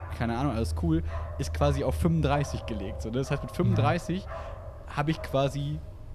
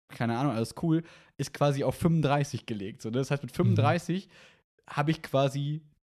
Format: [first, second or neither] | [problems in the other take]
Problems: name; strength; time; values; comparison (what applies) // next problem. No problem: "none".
second | dog barking; noticeable; peak 3 dB below the speech